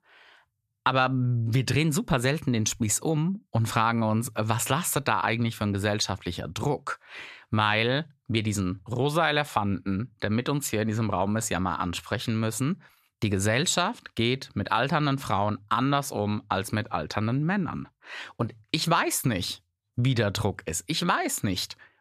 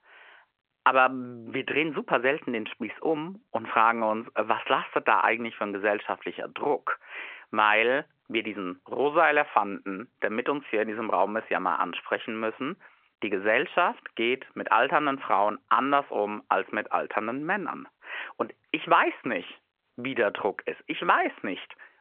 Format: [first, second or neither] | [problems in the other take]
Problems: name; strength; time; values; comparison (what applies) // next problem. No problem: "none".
first | phone-call audio